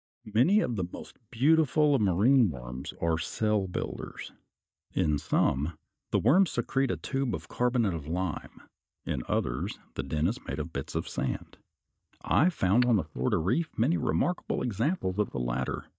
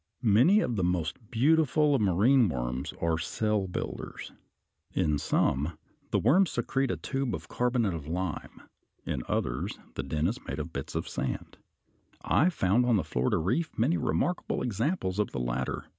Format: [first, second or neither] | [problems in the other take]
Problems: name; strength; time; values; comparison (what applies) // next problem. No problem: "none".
second | noise reduction (neural mask model DeepFilterNet 3)